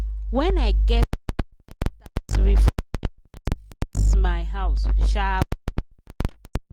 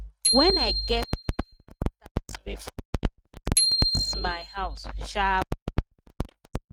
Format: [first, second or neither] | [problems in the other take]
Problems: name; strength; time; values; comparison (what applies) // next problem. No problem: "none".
first | noise reduction (neural mask model RNNoise)